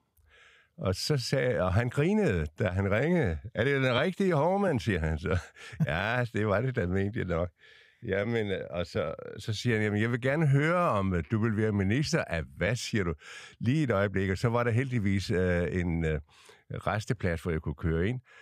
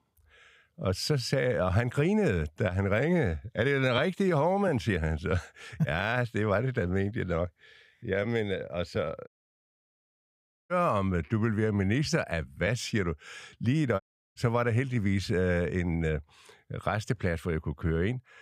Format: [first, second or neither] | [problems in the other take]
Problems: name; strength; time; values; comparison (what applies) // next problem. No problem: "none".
first | audio cutting out; at 9.5 s for 1.5 s and at 14 s